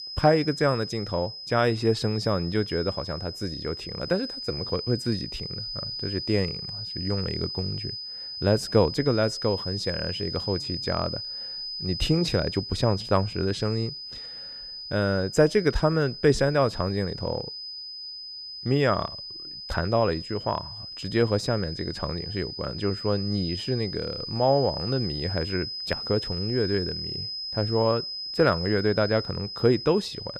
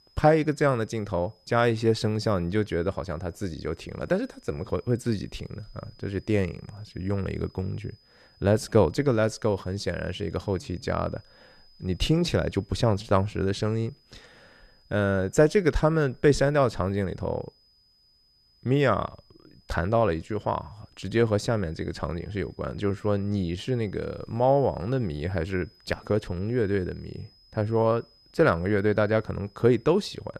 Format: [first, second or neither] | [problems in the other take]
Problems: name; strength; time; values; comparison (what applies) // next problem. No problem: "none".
second | high-pitched whine; loud; throughout; 5 kHz, 7 dB below the speech; faint in the second